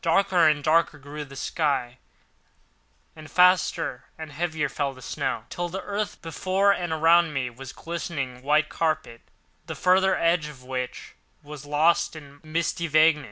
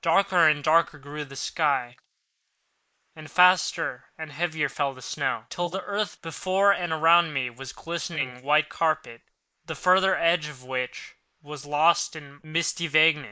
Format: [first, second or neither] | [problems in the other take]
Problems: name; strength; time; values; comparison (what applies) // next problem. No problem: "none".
first | noise reduction (neural mask model Resemble Enhance denoiser)